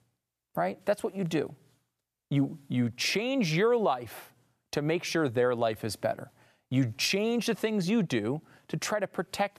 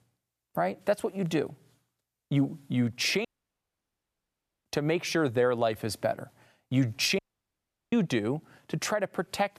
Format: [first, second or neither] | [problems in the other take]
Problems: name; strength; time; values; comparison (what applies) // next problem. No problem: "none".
first | audio cutting out; at 3.5 s for 1.5 s and at 7 s for 0.5 s